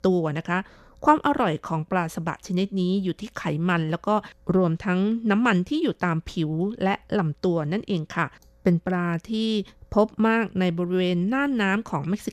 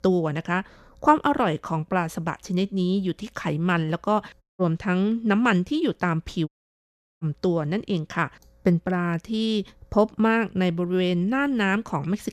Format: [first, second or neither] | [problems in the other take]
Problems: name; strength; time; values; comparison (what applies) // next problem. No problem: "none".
first | audio cutting out; at 4.5 s and at 6.5 s for 0.5 s